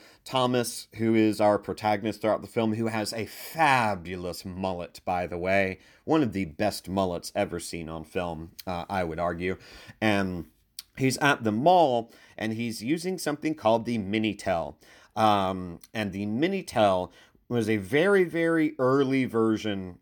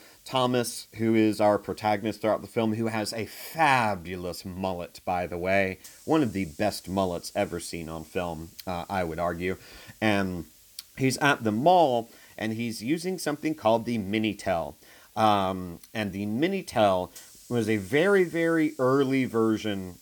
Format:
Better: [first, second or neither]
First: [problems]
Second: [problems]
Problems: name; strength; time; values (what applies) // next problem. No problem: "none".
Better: first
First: none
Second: hiss; faint; throughout; 25 dB below the speech